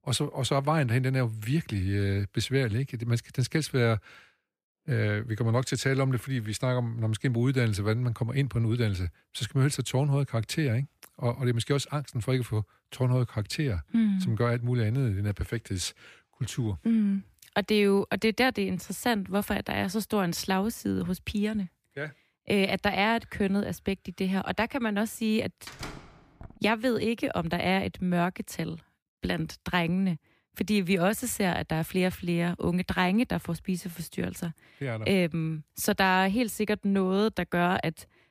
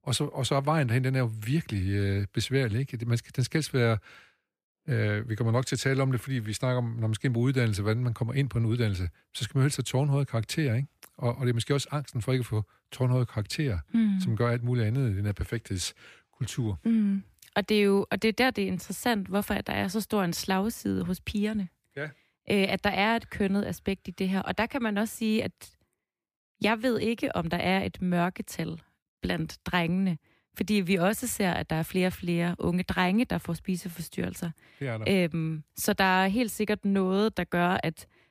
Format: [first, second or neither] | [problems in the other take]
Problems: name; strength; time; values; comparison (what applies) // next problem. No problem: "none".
second | door banging; faint; at 26 s; peak 10 dB below the speech